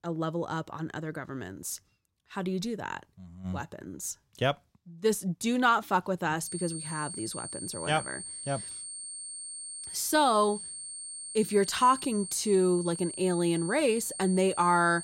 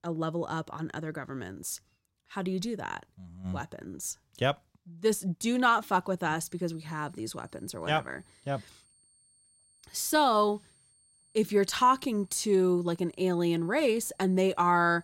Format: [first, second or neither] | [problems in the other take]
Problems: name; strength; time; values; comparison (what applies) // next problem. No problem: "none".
second | high-pitched whine; loud; from 6.5 s on; 8.5 kHz, 9 dB below the speech; faint in the second